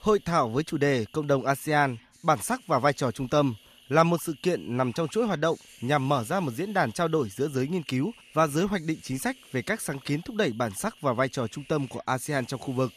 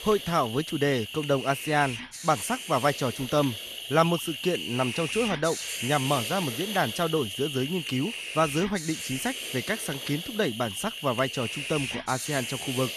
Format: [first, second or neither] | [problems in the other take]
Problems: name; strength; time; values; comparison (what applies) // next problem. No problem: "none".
first | hiss; loud; throughout; 5 dB below the speech; faint in the first